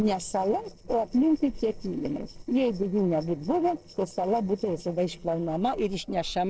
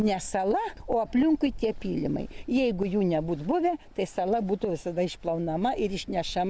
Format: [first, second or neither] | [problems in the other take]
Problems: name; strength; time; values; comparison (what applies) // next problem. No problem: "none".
second | noise reduction (neural separator model SepFormer DNS4)